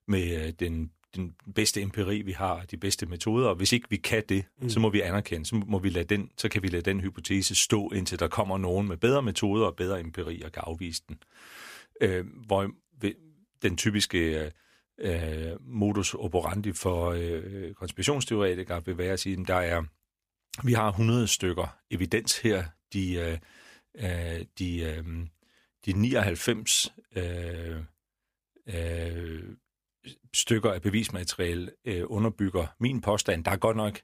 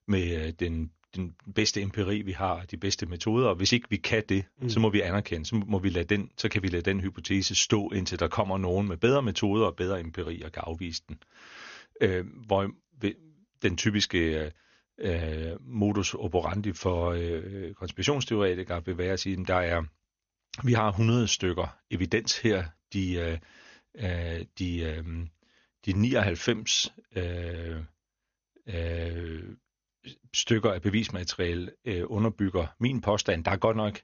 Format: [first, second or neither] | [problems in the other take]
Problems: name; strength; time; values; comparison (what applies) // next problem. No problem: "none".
first | garbled, watery; slightly; nothing above 6.5 kHz